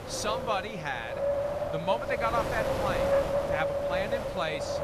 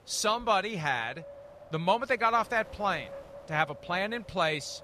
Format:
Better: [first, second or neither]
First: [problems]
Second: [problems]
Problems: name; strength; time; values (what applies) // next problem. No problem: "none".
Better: second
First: wind noise on the microphone; heavy; 2 dB above the speech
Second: wind noise on the microphone; occasional gusts; 20 dB below the speech